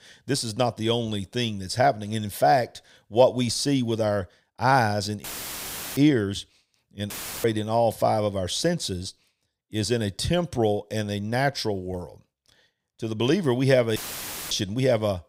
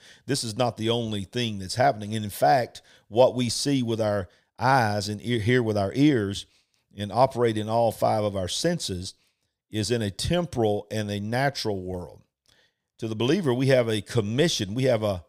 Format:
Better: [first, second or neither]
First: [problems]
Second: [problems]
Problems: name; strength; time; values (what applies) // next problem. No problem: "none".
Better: second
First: audio cutting out; filled with static; at 5 s for 0.5 s, at 7 s and at 14 s for 0.5 s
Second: none